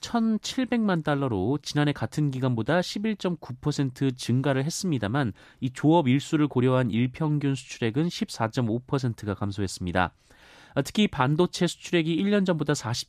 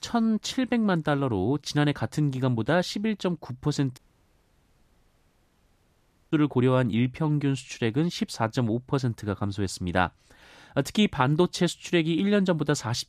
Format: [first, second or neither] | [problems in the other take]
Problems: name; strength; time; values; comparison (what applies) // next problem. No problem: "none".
first | audio cutting out; at 4 s for 2.5 s